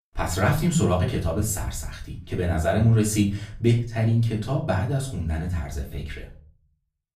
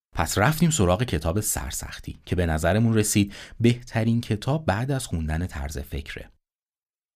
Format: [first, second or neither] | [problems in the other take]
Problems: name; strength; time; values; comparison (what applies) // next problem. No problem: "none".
second | room echo; slight; dies away in 0.4 s // off-mic speech; far